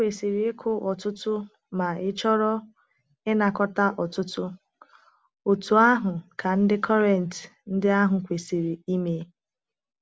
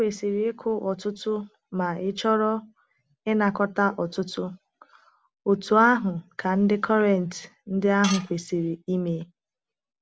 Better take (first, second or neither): first